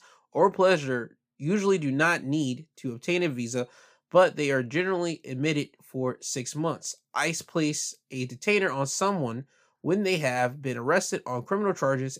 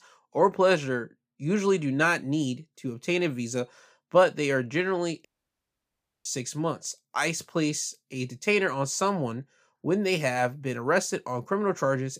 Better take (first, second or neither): first